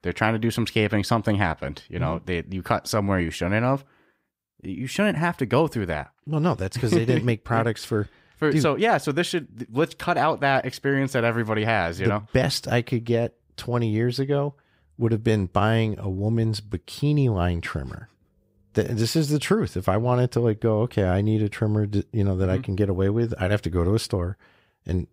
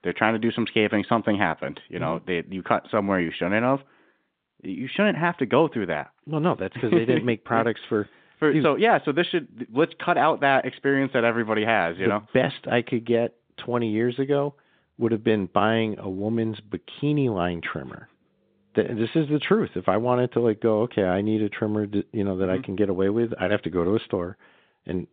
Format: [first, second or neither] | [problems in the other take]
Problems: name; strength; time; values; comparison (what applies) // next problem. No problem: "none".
first | phone-call audio; nothing above 3.5 kHz